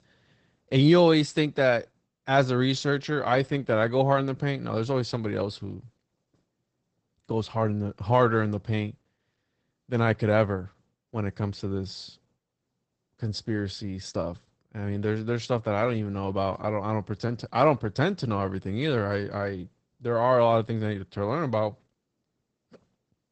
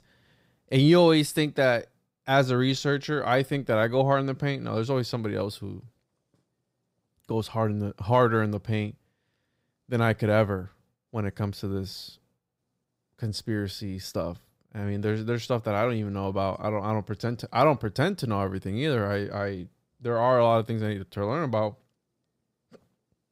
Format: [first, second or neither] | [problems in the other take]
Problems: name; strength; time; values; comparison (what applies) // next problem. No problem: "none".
second | garbled, watery; badly; nothing above 8 kHz